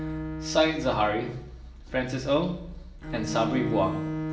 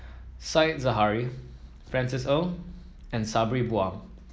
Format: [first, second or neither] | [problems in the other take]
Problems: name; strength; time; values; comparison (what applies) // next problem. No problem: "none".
second | background sound (Bowed string instrument); 7 dB below the speech // room echo; dies away in 0.7 s